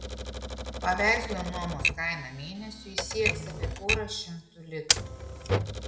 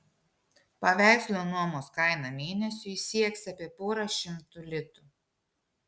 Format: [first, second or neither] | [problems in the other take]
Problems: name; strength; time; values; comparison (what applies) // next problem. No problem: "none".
second | background sound (Typewriter); 1 dB above the speech // room echo; dies away in 0.7 s